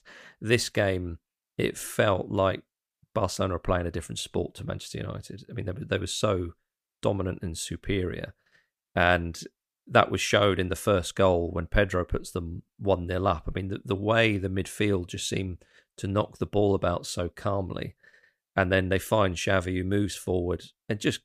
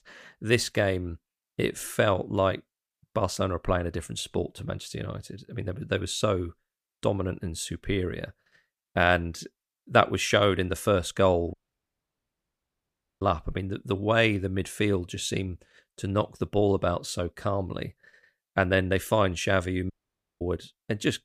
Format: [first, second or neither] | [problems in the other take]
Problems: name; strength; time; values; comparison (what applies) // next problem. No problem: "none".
first | audio cutting out; at 12 s for 1.5 s and at 20 s for 0.5 s